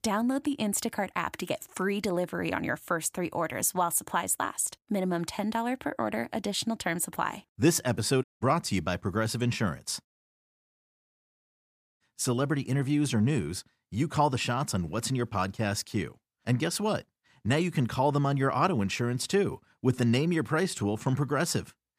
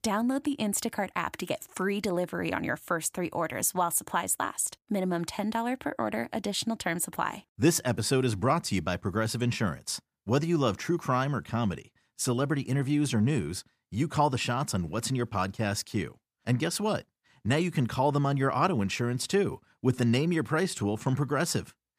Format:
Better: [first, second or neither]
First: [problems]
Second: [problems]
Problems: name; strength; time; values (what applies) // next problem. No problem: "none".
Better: second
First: audio cutting out; at 8 s and at 10 s for 2 s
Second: none